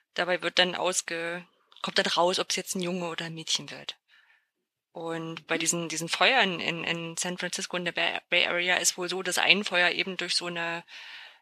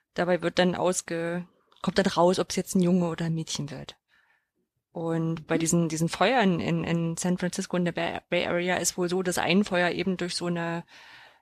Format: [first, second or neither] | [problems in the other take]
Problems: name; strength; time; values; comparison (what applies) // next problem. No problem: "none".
second | thin; somewhat; fading below 1 kHz